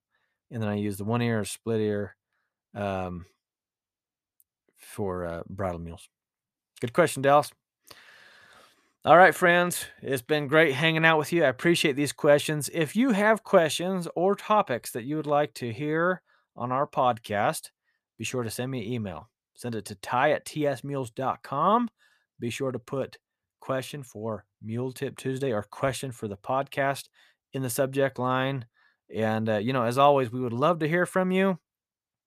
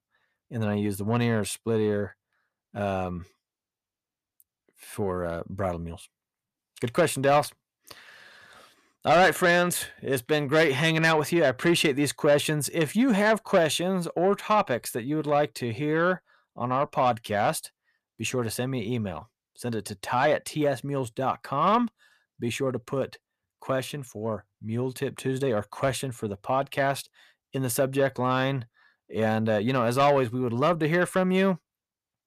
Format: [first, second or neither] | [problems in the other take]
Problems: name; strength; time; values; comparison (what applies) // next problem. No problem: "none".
first | distortion; slight; 10 dB below the speech